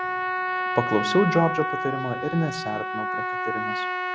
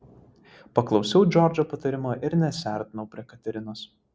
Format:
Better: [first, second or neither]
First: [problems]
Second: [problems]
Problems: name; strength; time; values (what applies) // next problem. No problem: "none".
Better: second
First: background sound (Trumpet); 1 dB below the speech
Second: none